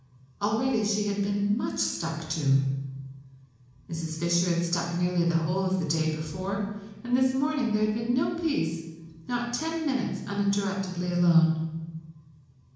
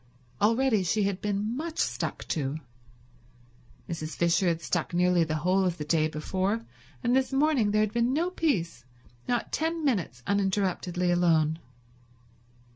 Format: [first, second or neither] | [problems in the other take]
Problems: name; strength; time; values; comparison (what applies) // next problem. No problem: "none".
second | room echo; dies away in 1 s